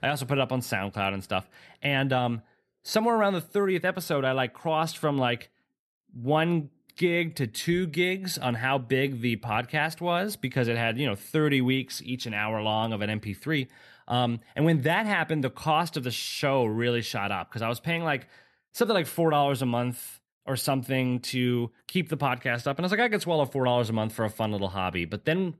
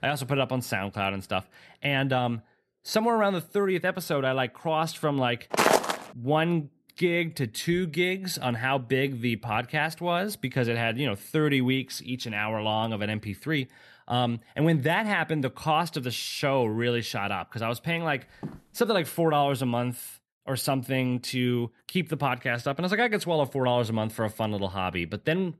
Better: first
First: none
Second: footsteps; loud; at 5.5 s; peak 5 dB above the speech // footsteps; faint; at 18 s; peak 15 dB below the speech

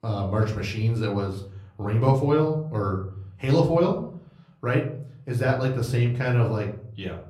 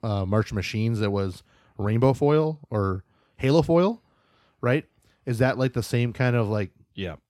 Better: second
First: room echo; slight; dies away in 0.5 s // off-mic speech; far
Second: none

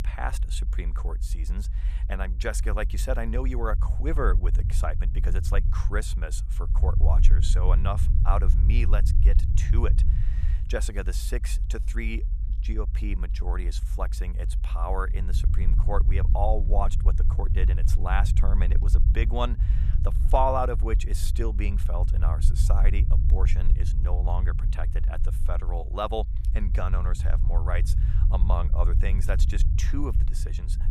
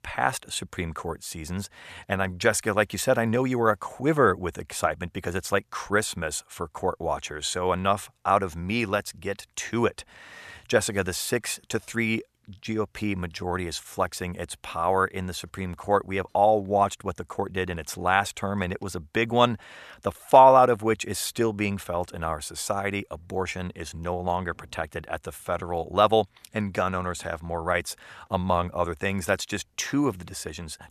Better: second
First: low rumble; noticeable; throughout; 10 dB below the speech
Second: none

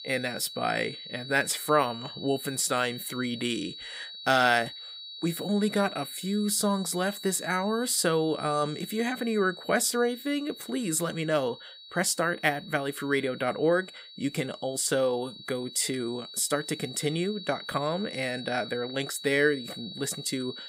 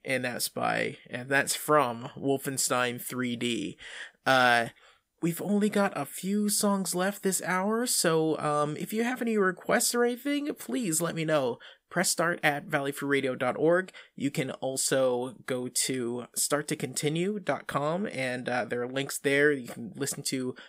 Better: second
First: high-pitched whine; noticeable; throughout; 4 kHz, 15 dB below the speech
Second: none

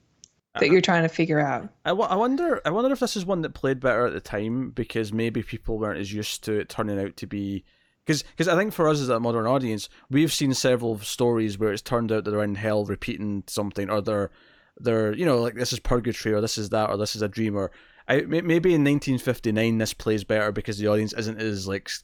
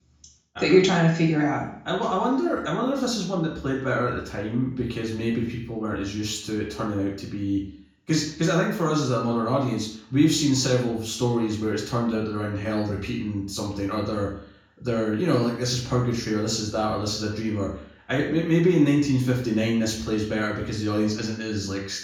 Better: first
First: none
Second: room echo; noticeable; dies away in 0.5 s // off-mic speech; far

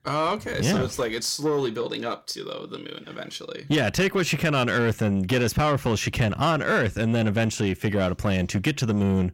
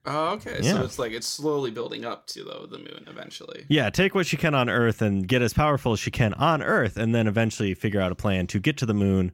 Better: second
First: distortion; slight; 10 dB below the speech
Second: none

